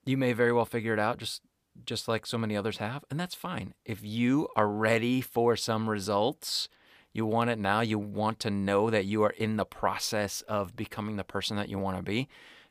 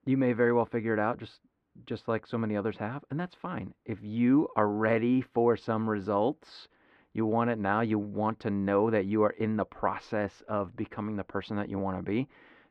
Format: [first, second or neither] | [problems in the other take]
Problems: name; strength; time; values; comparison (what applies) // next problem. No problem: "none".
first | muffled; very; fading above 1.5 kHz